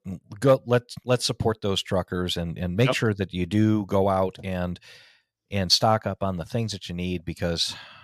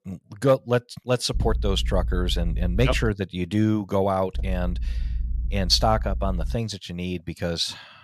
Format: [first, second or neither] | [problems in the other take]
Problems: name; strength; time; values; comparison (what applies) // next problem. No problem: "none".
first | low rumble; faint; from 1.5 to 3 s and from 4.5 to 6.5 s; 25 dB below the speech